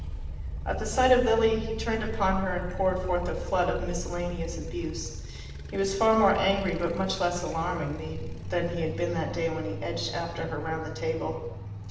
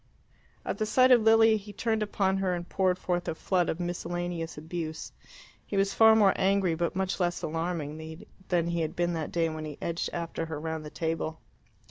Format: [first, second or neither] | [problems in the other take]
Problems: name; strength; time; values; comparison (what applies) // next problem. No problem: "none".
second | background sound (Motorcycle); 8 dB below the speech // room echo; dies away in 1 s